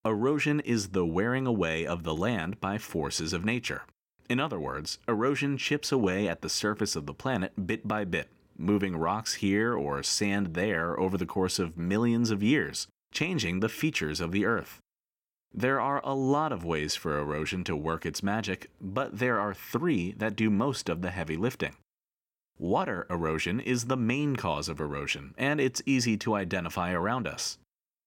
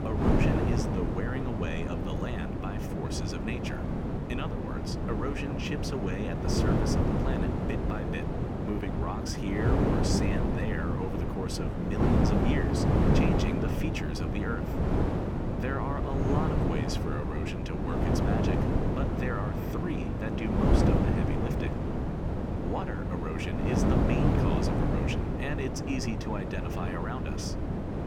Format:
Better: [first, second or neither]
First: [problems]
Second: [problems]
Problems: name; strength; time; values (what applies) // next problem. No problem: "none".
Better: first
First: none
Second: wind noise on the microphone; heavy; 3 dB above the speech